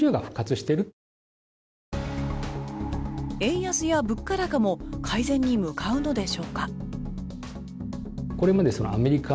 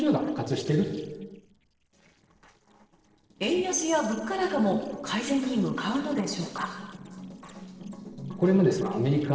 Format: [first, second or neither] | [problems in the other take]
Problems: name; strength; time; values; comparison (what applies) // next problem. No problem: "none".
first | noise reduction (neural separator model SepFormer DNS4)